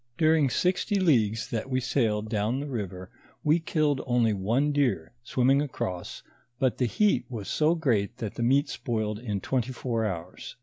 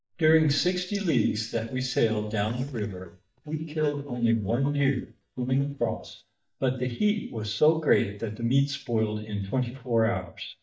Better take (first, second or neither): first